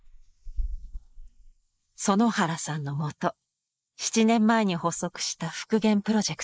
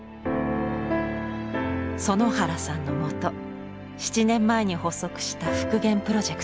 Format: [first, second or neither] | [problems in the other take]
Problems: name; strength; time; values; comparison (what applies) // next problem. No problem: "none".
second | noise reduction (neural mask model Resemble Enhance denoiser)